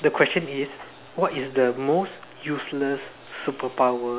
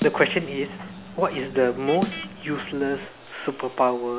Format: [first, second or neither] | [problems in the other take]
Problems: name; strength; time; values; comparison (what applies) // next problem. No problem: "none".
first | background sound (Vehicle horn, car horn, honking + Snare drum); 11 dB below the speech